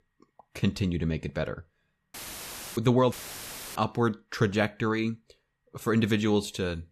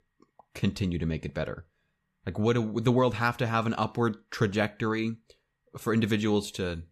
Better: second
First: audio cutting out; filled with static; at 2 s for 0.5 s and at 3 s for 0.5 s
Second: none

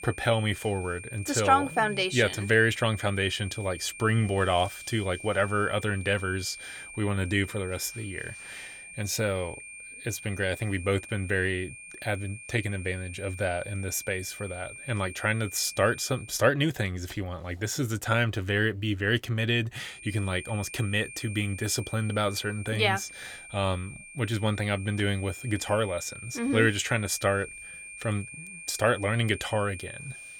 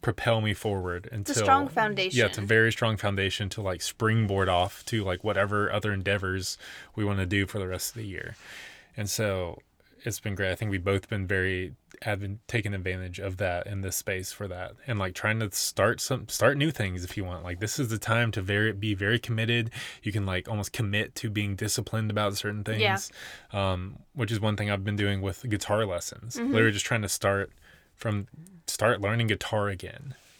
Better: second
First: high-pitched whine; noticeable; until 16 s and from 20 s on; 2.5 kHz, 15 dB below the speech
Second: none

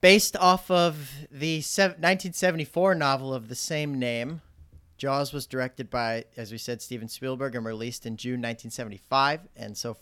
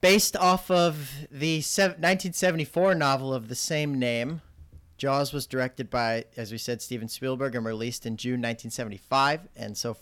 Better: first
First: none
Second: distortion; slight; 10 dB below the speech

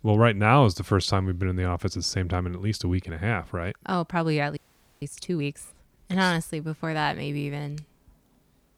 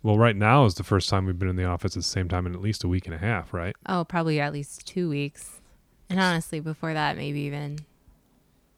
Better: second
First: audio freezing; at 4.5 s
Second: none

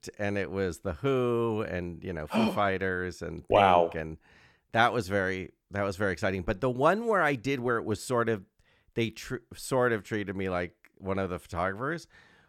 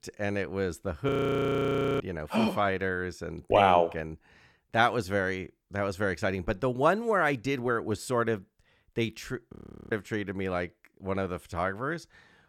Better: first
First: none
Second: audio freezing; at 1 s for 1 s and at 9.5 s

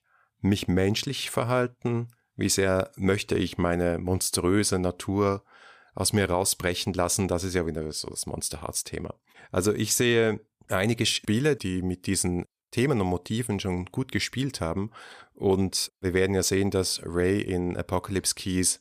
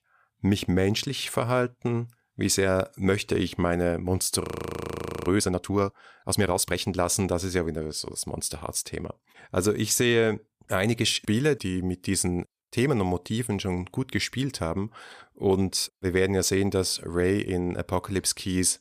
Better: first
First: none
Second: audio freezing; at 4.5 s for 1 s

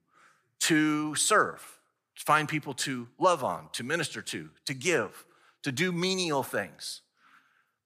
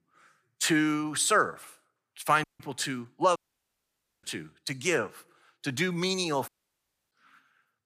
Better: first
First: none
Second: audio cutting out; at 2.5 s, at 3.5 s for 1 s and at 6.5 s for 0.5 s

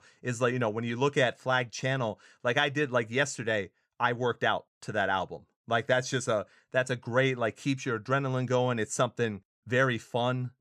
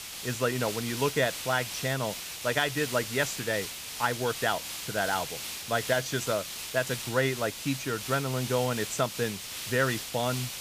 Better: first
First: none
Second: hiss; loud; throughout; 5 dB below the speech

